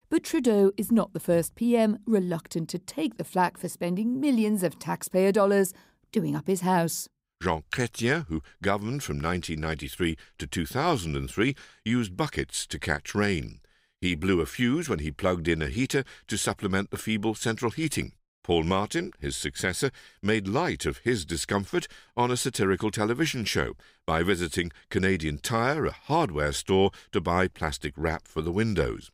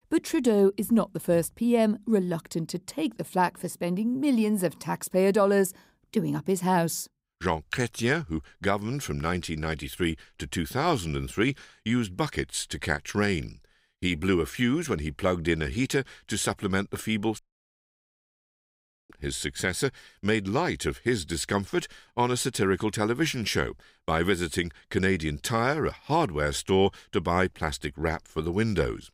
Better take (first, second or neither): first